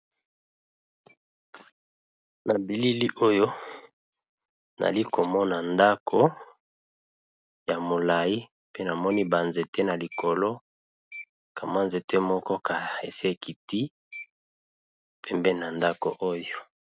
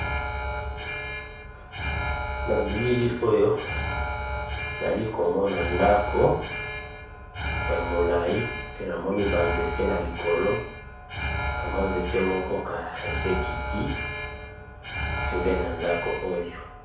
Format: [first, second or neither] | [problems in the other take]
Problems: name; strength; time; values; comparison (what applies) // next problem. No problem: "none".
first | background sound (Alarm); 3 dB below the speech // room echo; dies away in 0.6 s